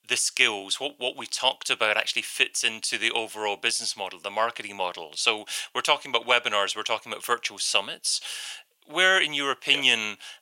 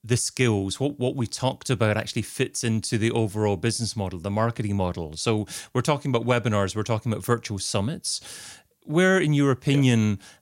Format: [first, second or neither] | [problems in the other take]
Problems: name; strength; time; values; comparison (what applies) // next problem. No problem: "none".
second | thin; very; fading below 800 Hz